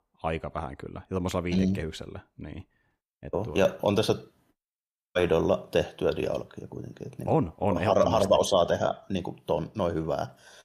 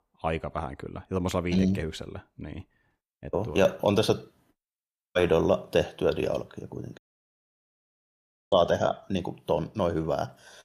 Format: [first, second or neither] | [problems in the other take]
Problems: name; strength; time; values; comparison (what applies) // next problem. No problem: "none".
first | audio cutting out; at 7 s for 1.5 s